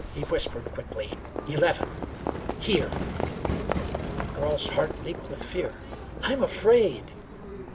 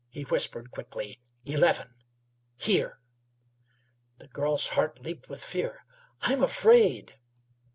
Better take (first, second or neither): second